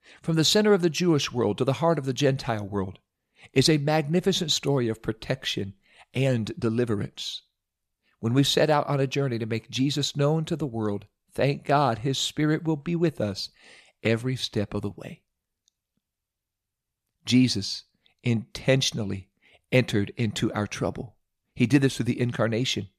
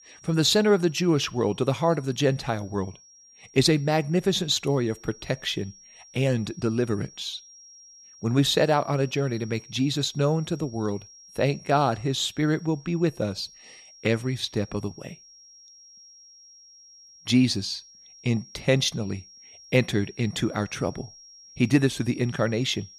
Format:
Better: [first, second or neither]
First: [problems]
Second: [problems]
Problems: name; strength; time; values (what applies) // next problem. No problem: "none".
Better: first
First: none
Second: high-pitched whine; faint; throughout; 5.5 kHz, 25 dB below the speech